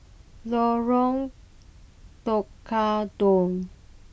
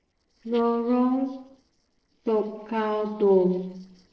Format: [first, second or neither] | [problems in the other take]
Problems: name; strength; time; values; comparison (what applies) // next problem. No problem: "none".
first | noise reduction (neural separator model SepFormer DNS4)